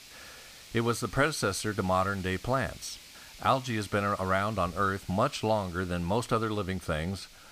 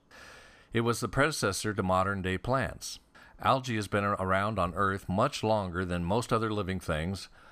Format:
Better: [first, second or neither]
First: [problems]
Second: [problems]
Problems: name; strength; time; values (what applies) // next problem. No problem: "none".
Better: second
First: hiss; noticeable; throughout; 20 dB below the speech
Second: none